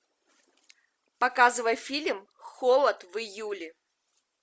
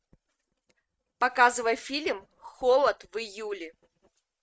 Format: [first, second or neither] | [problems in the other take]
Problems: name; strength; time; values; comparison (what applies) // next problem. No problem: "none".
first | noise reduction (neural mask model RNNoise)